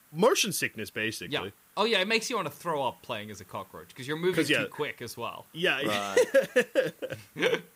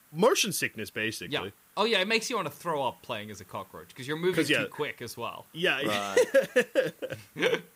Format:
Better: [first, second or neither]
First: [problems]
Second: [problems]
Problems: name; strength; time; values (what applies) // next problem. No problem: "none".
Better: neither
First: hiss; faint; throughout; 30 dB below the speech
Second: hiss; faint; throughout; 30 dB below the speech